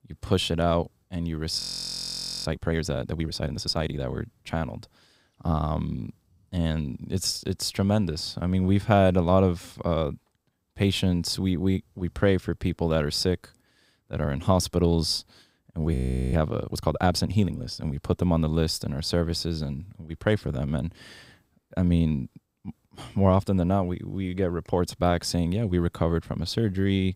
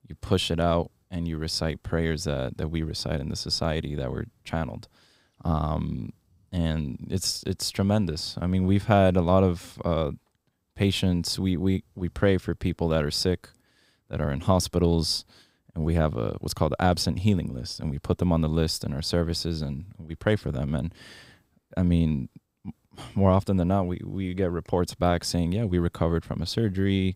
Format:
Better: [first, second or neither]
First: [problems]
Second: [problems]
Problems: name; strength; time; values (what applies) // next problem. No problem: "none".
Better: second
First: audio freezing; at 1.5 s for 1 s and at 16 s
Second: none